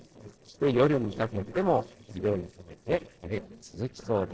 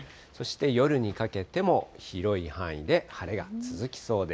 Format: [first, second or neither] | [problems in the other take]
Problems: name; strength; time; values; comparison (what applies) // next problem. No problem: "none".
second | noise reduction (neural separator model SepFormer DNS4)